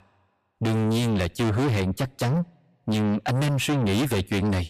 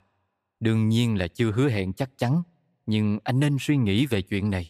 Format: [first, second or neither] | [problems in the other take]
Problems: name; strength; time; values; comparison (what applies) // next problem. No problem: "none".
second | distortion; heavy; 6 dB below the speech